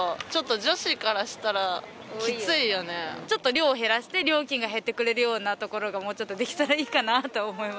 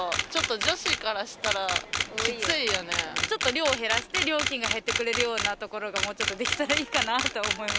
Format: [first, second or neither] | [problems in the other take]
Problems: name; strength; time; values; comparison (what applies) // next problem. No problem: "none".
first | background sound (Camera); as loud as the speech